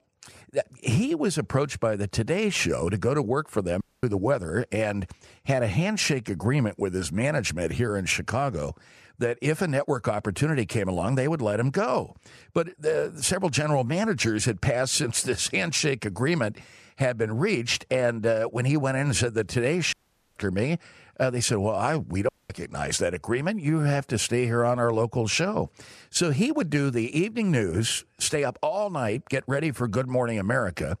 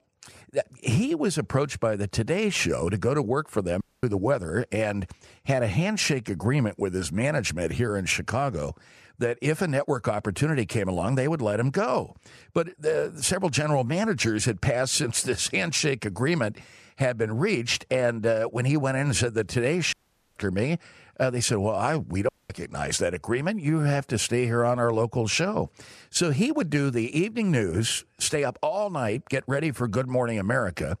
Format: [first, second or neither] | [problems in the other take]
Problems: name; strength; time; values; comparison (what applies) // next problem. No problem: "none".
neither | audio cutting out; at 4 s, at 20 s and at 22 s; the same in both